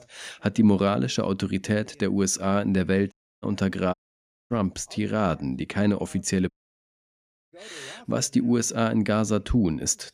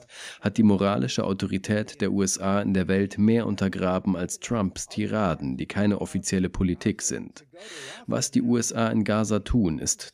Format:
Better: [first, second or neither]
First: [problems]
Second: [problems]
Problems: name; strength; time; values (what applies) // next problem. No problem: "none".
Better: second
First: audio cutting out; at 3 s, at 4 s for 0.5 s and at 6.5 s for 1 s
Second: none